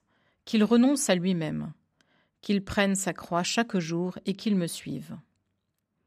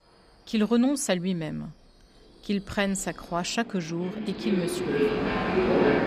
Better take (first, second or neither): first